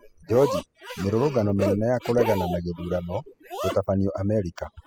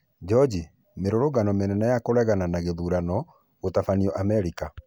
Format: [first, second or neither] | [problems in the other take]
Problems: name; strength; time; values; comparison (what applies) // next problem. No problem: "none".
second | noise reduction (classical method spectral subtraction)